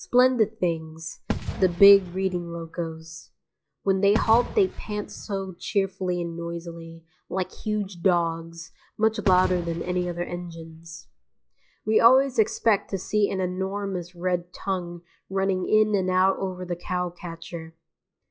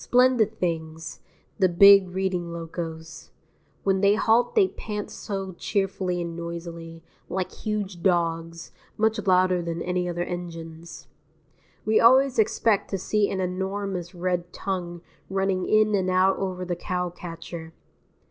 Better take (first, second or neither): second